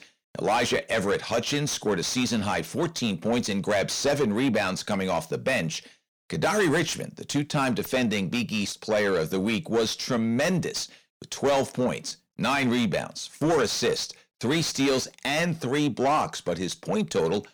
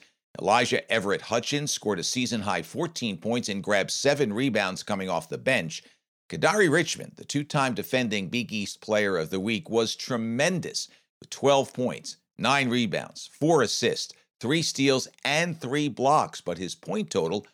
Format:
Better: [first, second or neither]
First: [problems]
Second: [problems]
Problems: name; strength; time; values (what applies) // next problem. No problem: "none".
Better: second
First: distortion; heavy; 8 dB below the speech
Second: none